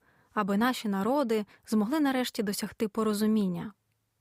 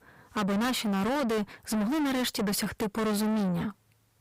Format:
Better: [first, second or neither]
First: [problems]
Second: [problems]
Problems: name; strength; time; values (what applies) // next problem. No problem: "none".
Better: first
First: none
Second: distortion; heavy; 7 dB below the speech